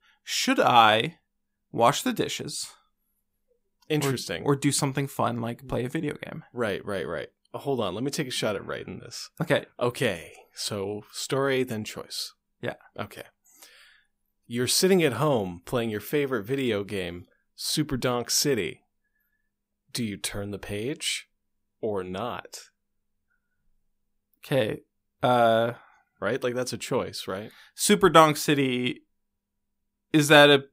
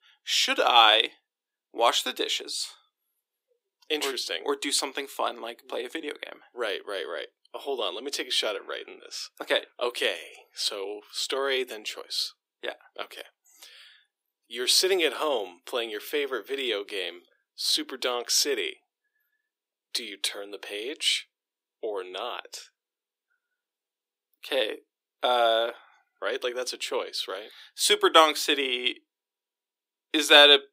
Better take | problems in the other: first | thin; somewhat; fading below 350 Hz

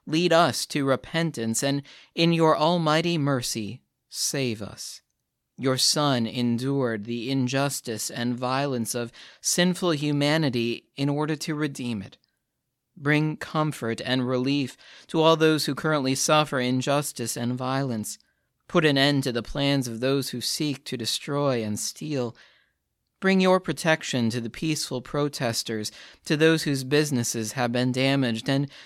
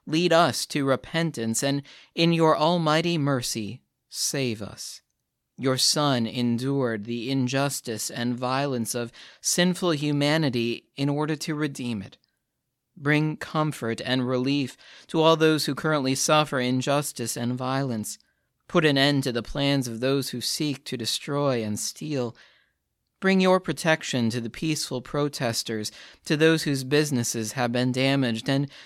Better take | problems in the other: neither | none

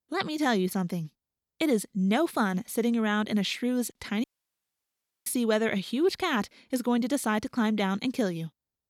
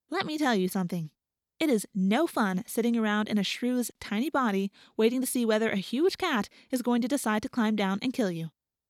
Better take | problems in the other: second | audio cutting out; at 4 s for 1 s

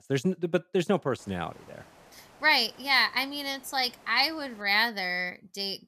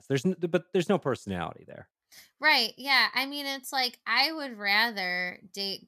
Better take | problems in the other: second | hiss; faint; from 1 to 4.5 s; 30 dB below the speech

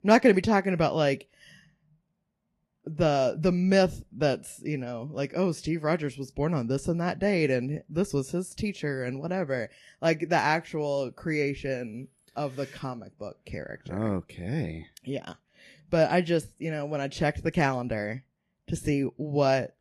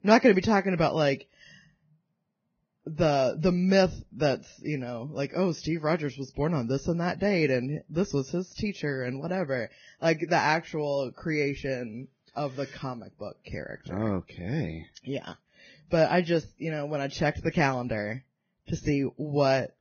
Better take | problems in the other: first | garbled, watery; badly; nothing above 6.5 kHz; slightly in the first

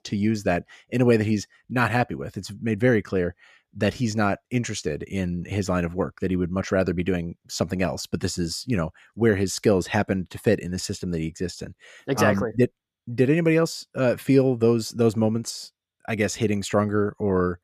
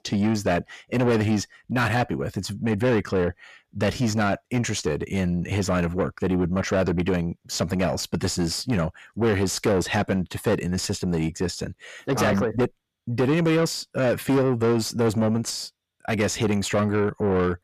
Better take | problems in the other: first | distortion; heavy; 8 dB below the speech

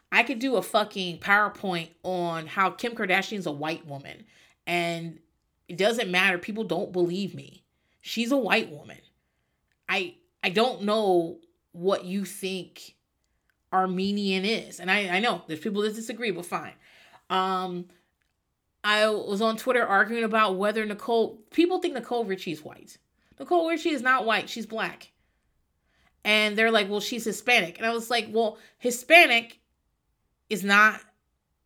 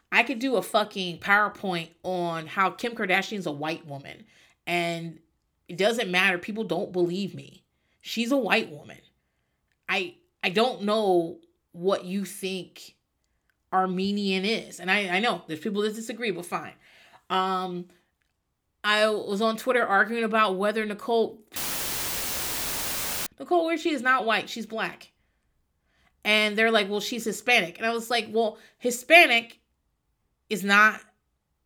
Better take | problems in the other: first | audio cutting out; filled with static; at 22 s for 1.5 s

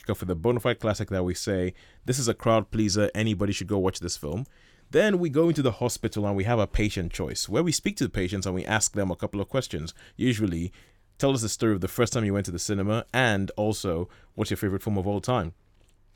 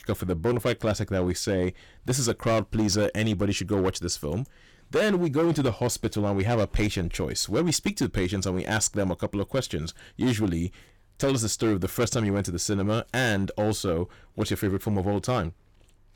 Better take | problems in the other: first | distortion; slight; 8% of the sound clipped

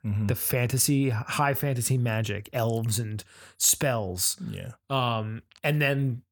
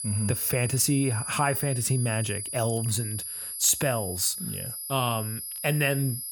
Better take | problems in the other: first | high-pitched whine; loud; throughout; 10 kHz, 6 dB below the speech

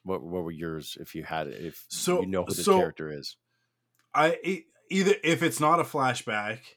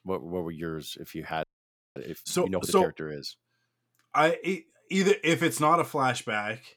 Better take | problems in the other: first | audio freezing; at 1.5 s for 0.5 s

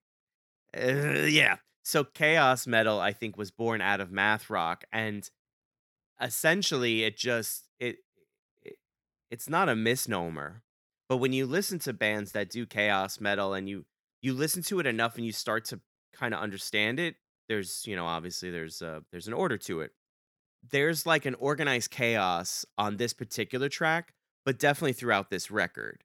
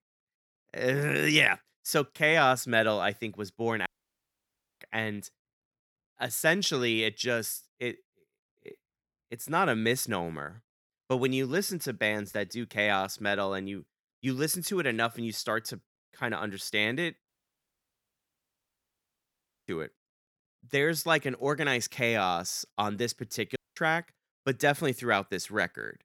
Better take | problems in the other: first | audio cutting out; at 4 s for 1 s, at 17 s for 2.5 s and at 24 s

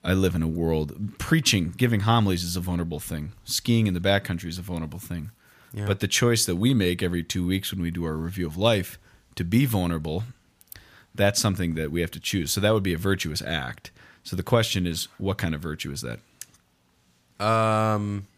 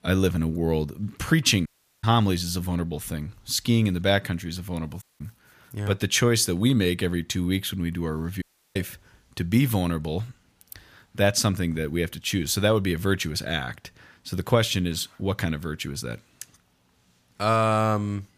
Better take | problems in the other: first | audio cutting out; at 1.5 s, at 5 s and at 8.5 s

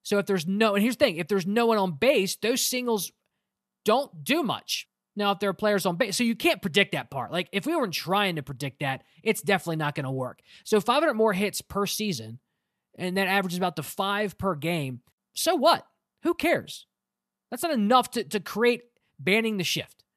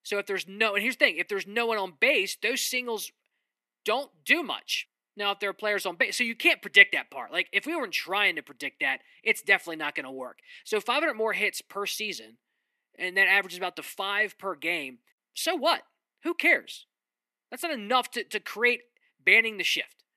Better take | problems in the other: first | thin; somewhat; fading below 300 Hz

